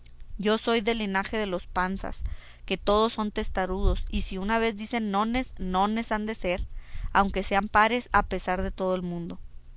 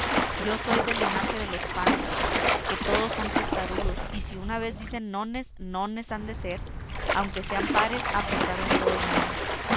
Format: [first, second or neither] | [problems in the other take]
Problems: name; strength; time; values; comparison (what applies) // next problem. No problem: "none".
first | background sound (Splash, splatter); 4 dB above the speech